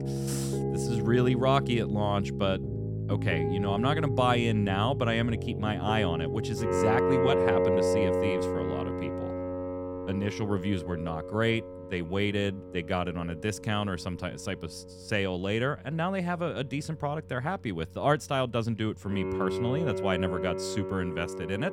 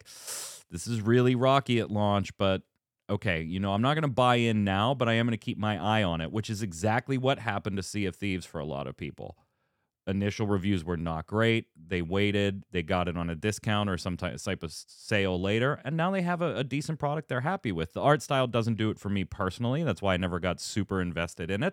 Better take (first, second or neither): second